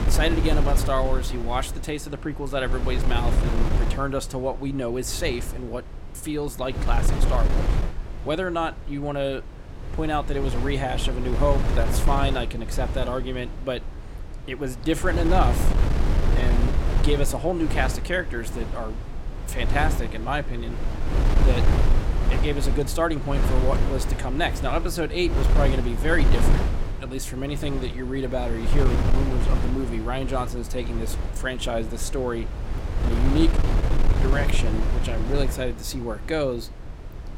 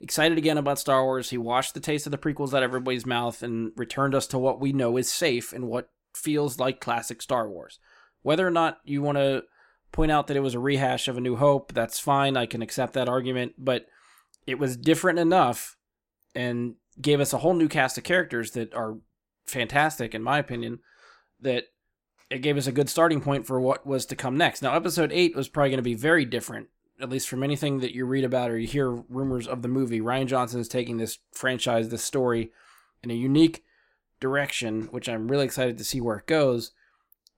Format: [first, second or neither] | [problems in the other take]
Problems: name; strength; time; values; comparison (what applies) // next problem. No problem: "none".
second | wind noise on the microphone; heavy; 6 dB below the speech